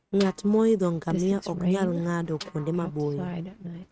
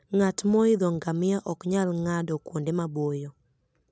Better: second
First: noise reduction (neural mask model RNNoise)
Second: none

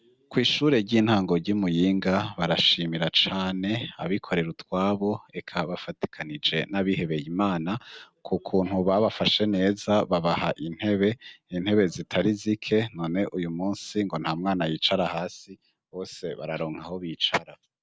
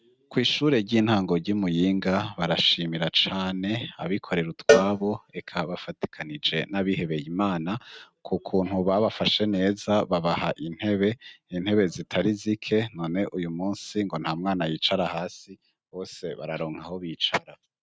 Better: first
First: none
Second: noise reduction (neural mask model RNNoise)

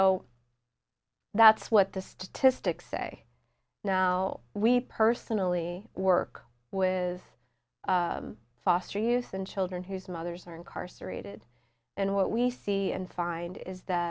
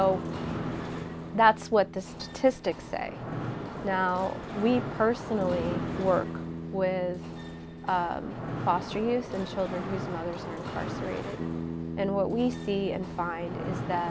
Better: first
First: none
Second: background sound (Bass guitar + Mechanisms); 6 dB below the speech

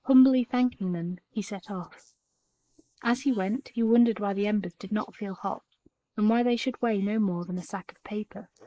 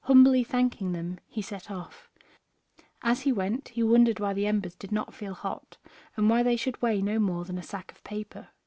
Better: second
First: noise reduction (neural mask model Resemble Enhance denoiser)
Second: none

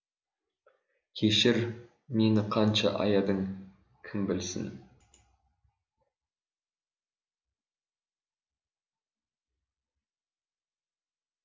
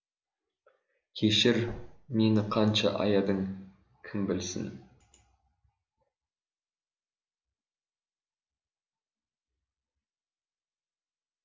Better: first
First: none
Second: background sound (Thump, thud); 13 dB below the speech

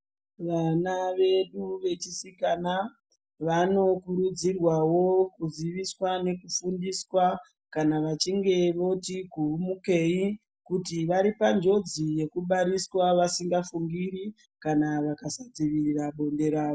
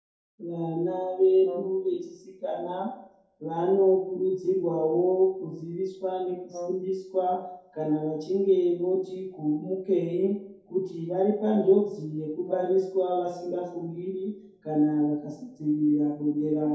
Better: first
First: none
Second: background sound (Brass instrument); 14 dB below the speech // room echo; dies away in 2.3 s

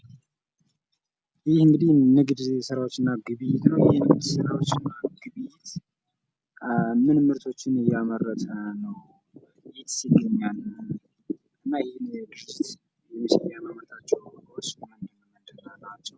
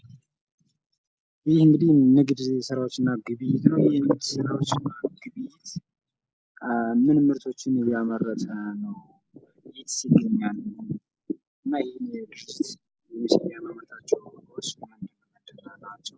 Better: first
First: none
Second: noise reduction (neural mask model Resemble Enhance denoiser)

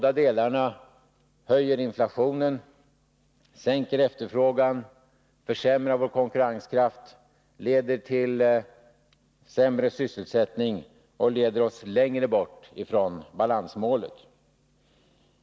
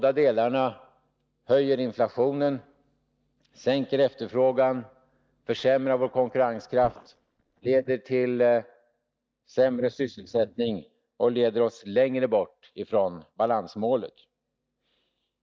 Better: first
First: none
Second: noise reduction (neural mask model DeepFilterNet 3)

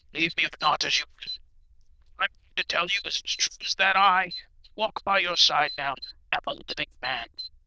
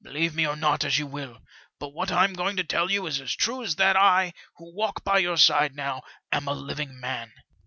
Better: second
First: noise reduction (neural diffusion model UNIVERSE++)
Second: none

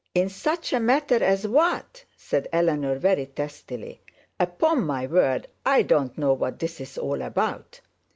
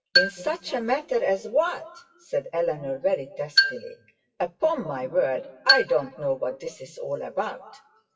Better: first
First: none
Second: noise reduction (classical method WPE with log-MMSE)

